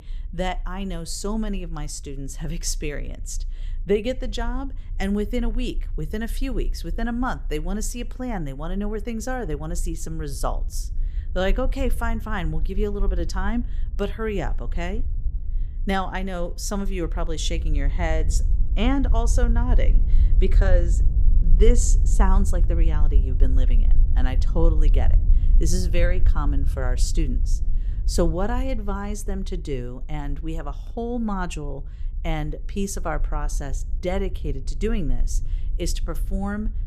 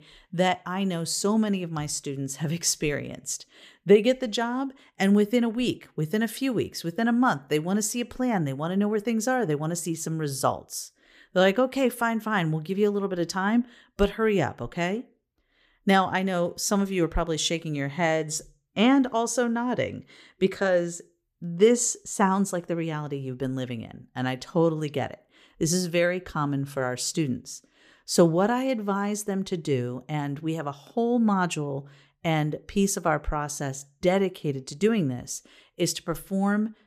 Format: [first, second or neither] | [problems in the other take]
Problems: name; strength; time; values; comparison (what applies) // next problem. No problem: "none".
second | low rumble; noticeable; throughout; 15 dB below the speech